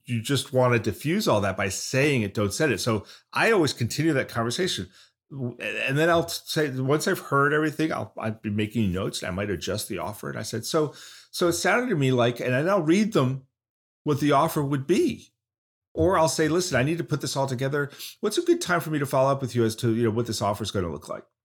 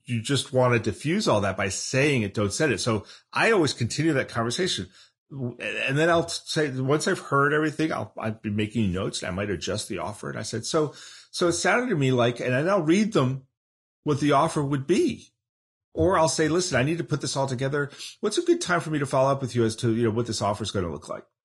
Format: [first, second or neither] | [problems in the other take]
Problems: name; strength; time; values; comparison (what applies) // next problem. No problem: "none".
first | garbled, watery; slightly; nothing above 10.5 kHz